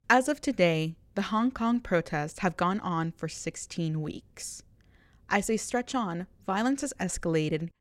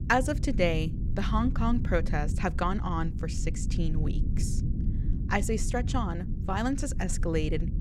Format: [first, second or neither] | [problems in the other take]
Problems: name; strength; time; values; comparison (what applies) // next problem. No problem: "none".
first | low rumble; noticeable; throughout; 15 dB below the speech